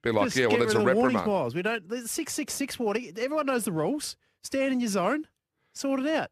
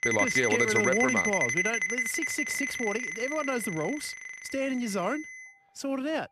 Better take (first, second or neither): first